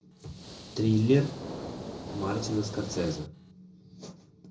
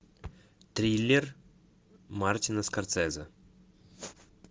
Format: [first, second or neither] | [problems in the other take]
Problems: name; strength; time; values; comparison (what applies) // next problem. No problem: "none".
second | background sound (Hiss); 10 dB below the speech // room echo; dies away in 0.4 s